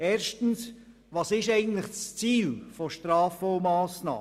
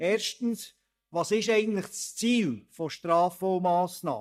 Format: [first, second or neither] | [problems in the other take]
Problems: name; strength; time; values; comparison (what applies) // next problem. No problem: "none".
first | noise reduction (neural mask model DeepFilterNet 3)